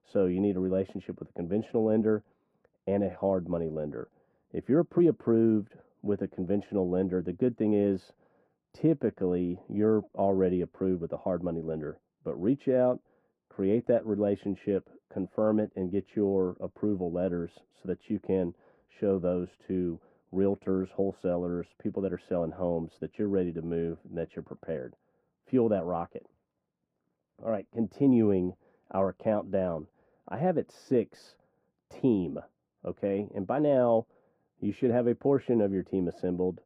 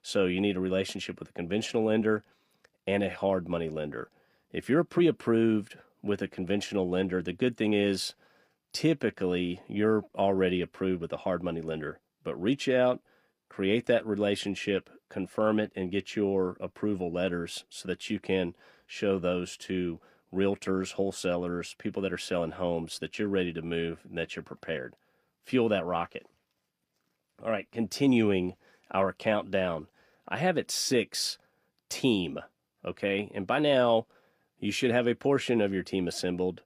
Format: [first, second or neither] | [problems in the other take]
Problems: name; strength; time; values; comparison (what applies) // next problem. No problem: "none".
second | muffled; very; fading above 2 kHz